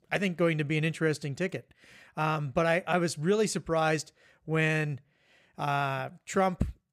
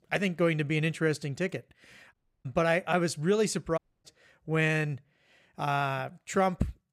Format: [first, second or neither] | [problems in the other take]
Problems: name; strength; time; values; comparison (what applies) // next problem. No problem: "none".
first | audio cutting out; at 2 s and at 4 s